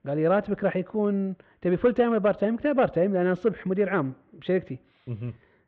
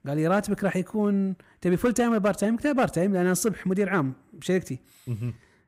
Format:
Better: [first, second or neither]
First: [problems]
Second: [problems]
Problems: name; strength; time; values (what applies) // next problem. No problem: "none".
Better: second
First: muffled; very; fading above 3.5 kHz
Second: none